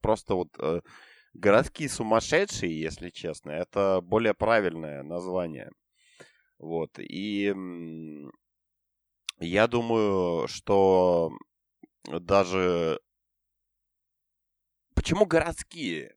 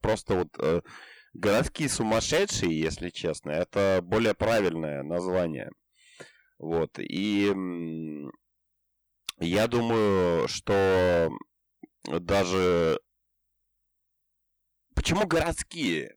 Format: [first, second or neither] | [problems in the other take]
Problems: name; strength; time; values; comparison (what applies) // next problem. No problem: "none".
first | distortion; heavy; 10% of the sound clipped